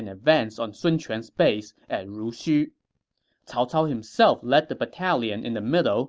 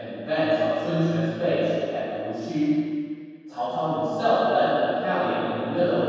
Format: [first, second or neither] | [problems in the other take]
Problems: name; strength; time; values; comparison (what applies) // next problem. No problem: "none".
first | room echo; dies away in 2.2 s